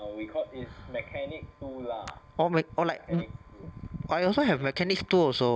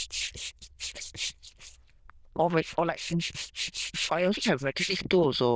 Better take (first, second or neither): first